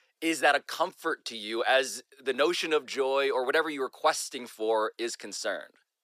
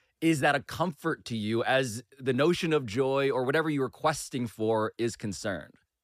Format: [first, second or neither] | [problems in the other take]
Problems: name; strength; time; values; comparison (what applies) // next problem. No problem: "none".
second | thin; very; fading below 400 Hz